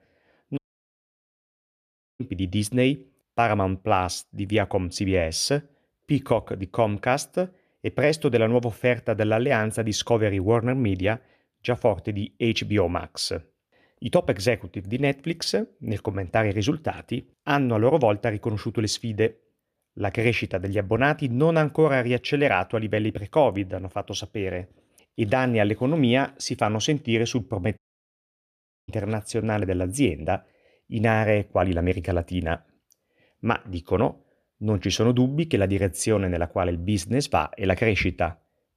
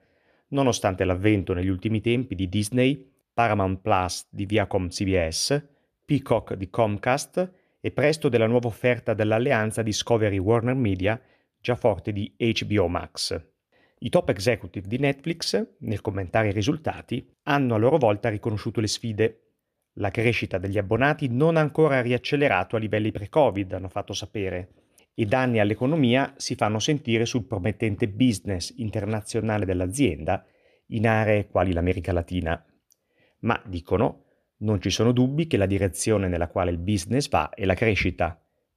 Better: second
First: audio cutting out; at 0.5 s for 1.5 s and at 28 s for 1 s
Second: none

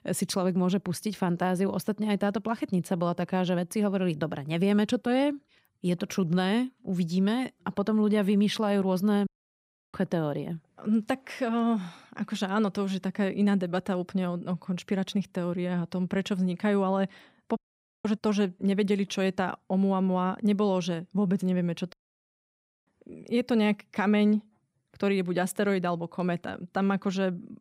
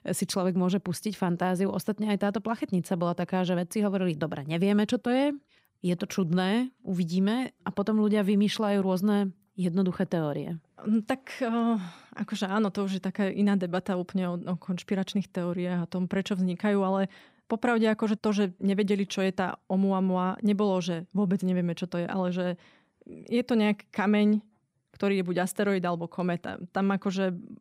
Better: second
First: audio cutting out; at 9.5 s for 0.5 s, at 18 s and at 22 s for 1 s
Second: none

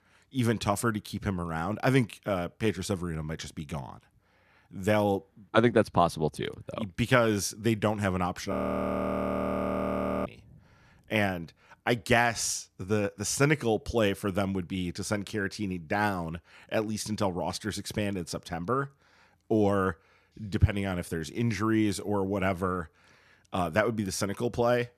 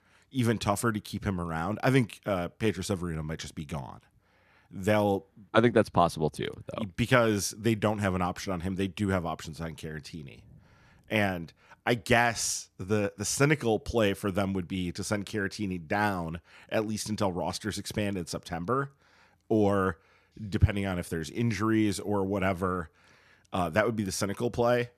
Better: second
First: audio freezing; at 8.5 s for 1.5 s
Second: none

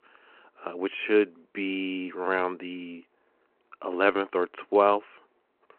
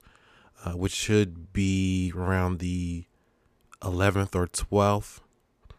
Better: second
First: phone-call audio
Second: none

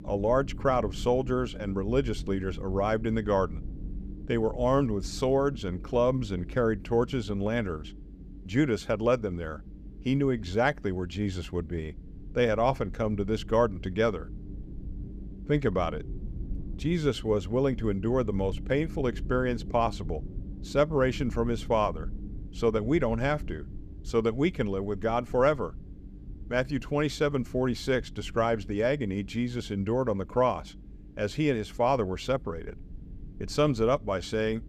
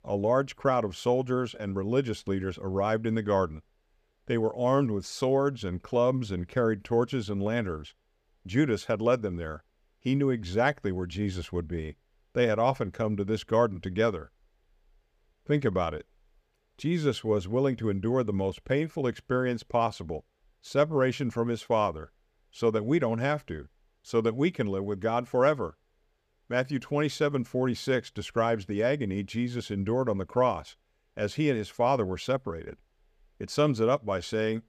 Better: second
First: low rumble; faint; throughout; 25 dB below the speech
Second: none

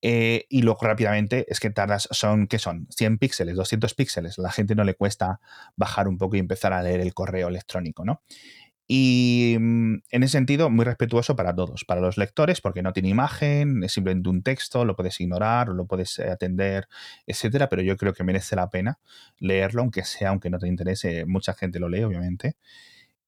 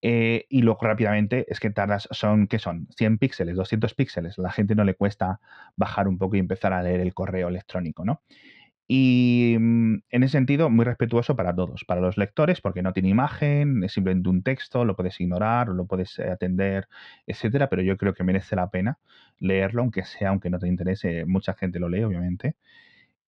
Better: first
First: none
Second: muffled; slightly; fading above 3 kHz

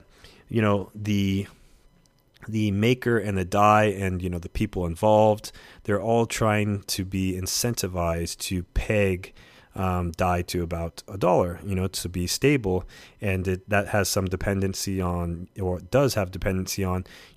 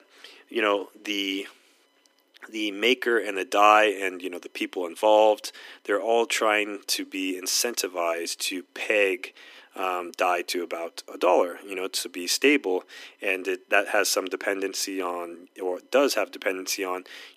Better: first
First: none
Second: thin; somewhat; fading below 250 Hz

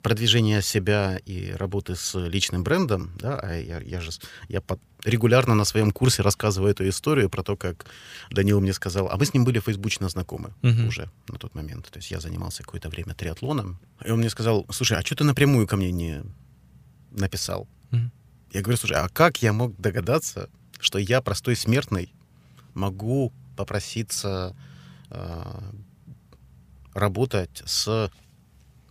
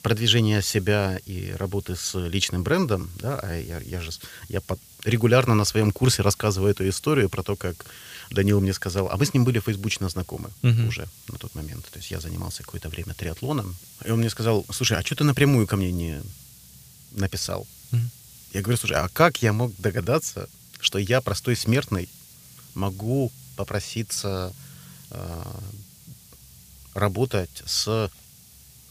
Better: first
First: none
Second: hiss; faint; throughout; 20 dB below the speech

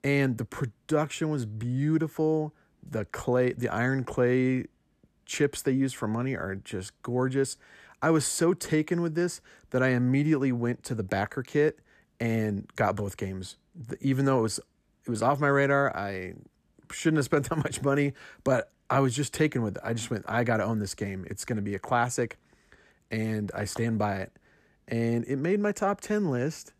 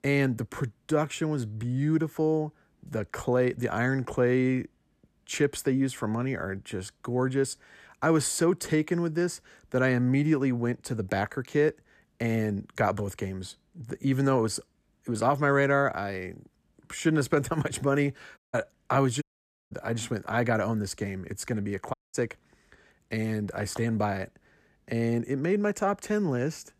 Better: first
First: none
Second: audio cutting out; at 18 s, at 19 s and at 22 s

